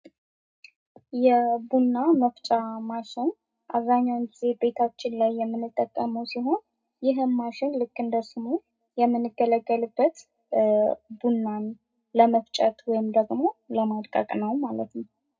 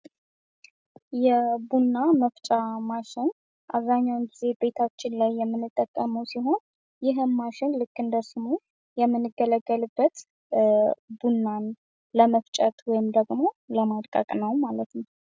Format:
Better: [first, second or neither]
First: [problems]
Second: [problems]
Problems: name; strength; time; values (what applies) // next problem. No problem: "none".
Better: second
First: room echo; dies away in 0.2 s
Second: none